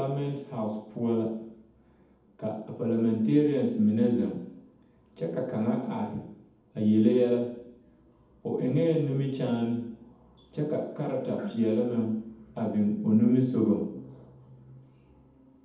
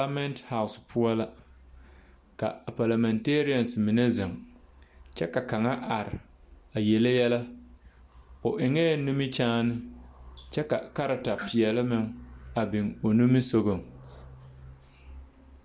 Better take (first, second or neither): second